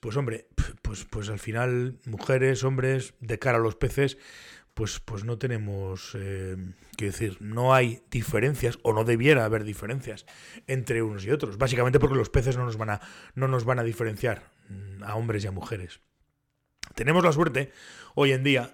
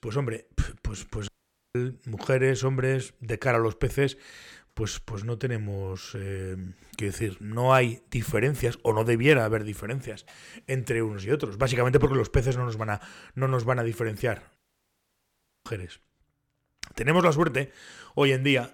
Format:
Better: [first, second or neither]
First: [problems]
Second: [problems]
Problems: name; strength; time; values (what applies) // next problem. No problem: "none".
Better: first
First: none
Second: audio cutting out; at 1.5 s and at 15 s for 1 s